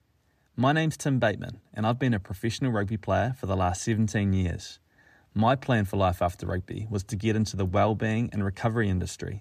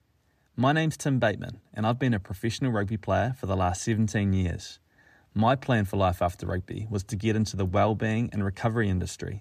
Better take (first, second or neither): neither